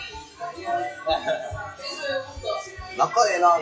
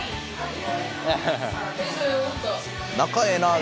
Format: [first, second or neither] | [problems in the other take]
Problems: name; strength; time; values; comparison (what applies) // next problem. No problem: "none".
second | noise reduction (classical method WPE with log-MMSE)